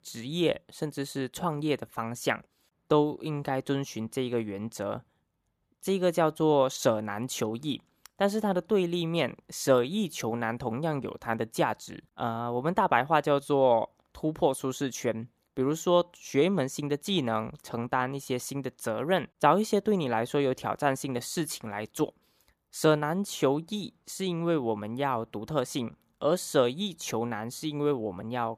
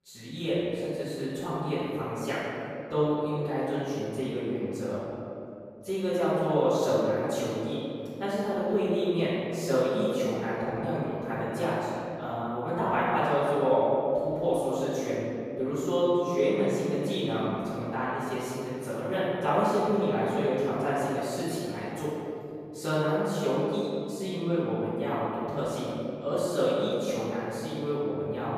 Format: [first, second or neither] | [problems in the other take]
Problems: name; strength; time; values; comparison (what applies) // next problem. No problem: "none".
first | room echo; strong; dies away in 2.6 s // off-mic speech; far